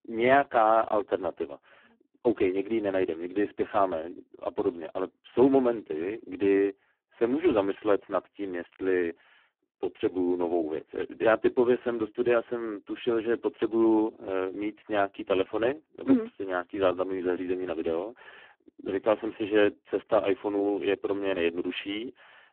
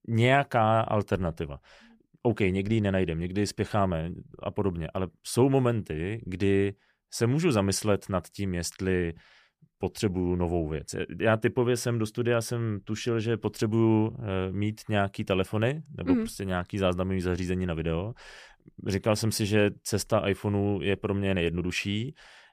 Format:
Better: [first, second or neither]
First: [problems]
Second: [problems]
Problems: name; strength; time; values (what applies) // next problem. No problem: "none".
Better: second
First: phone-call audio; poor line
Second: none